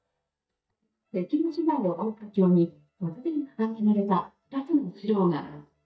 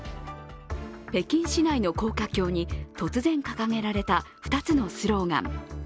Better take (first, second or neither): second